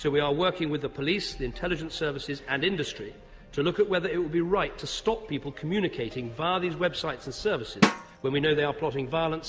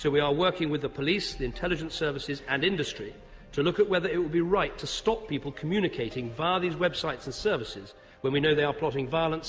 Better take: second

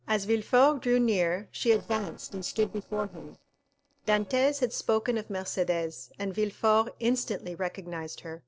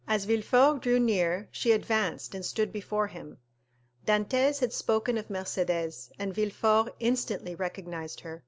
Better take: second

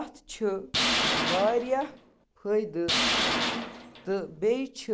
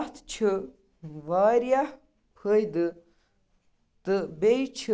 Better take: second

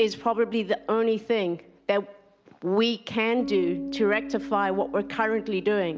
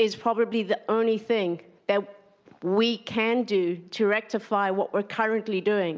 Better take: second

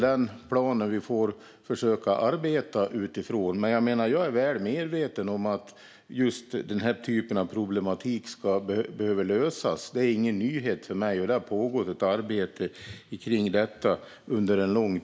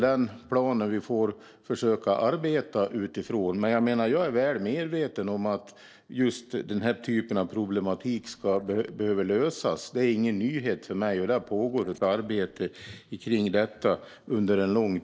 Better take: first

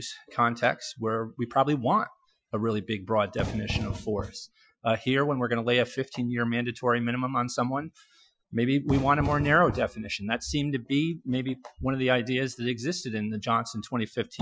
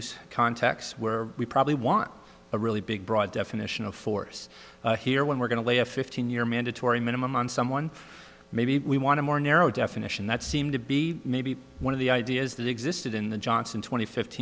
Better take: second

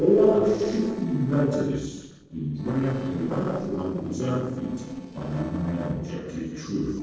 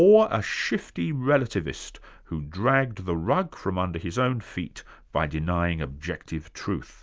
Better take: second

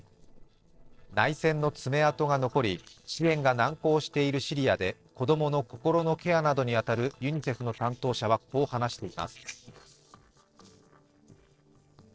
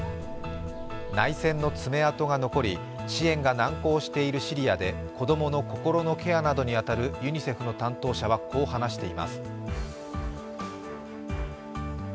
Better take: second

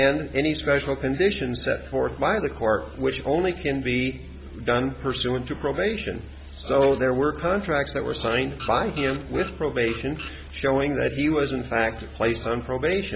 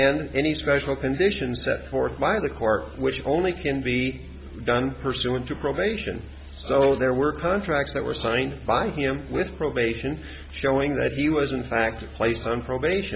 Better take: second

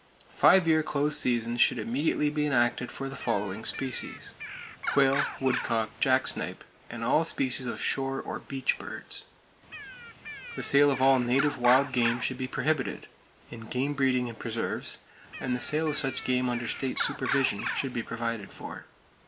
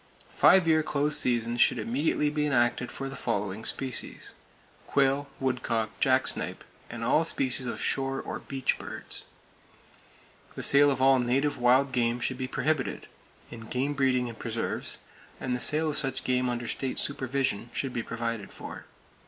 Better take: second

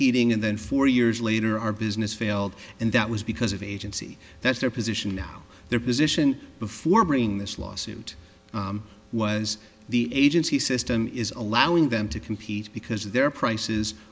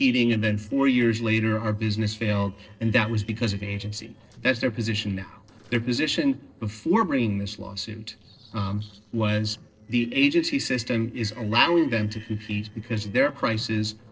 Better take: first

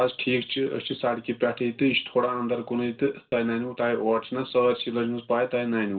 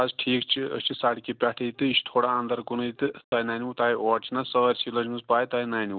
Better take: second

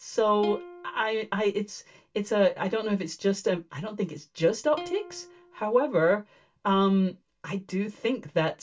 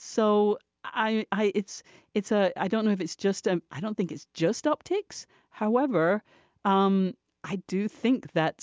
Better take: second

